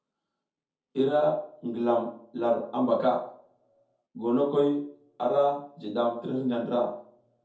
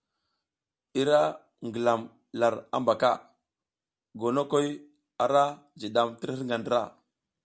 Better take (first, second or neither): second